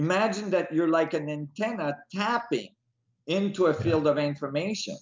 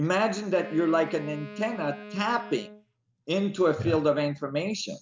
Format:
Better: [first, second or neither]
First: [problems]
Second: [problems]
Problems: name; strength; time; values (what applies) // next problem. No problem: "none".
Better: first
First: none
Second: background sound (Wind instrument, woodwind instrument); 16 dB below the speech